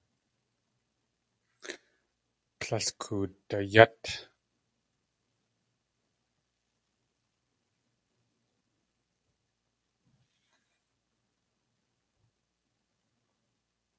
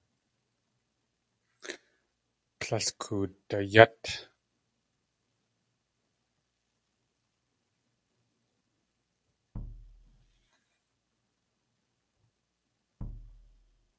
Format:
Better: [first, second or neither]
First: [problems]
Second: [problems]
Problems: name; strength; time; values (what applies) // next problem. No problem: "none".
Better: first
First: none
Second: background sound (Bass drum); 11 dB below the speech